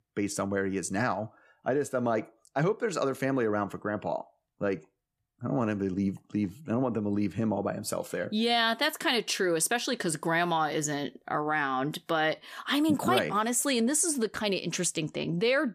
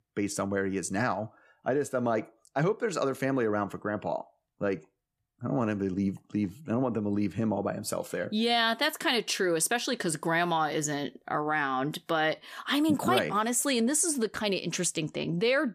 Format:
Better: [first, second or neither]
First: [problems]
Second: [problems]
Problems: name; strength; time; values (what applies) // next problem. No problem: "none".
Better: neither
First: none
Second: none